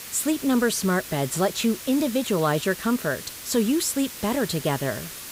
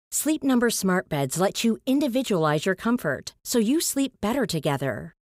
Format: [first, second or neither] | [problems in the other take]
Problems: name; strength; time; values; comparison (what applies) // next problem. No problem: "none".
second | hiss; noticeable; throughout; 10 dB below the speech